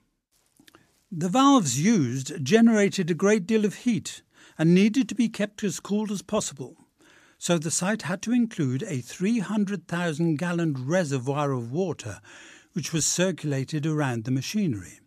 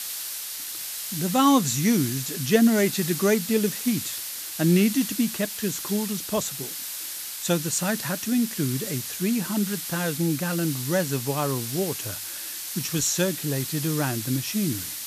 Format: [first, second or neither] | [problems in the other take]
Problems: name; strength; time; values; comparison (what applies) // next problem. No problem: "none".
first | hiss; loud; throughout; 5 dB below the speech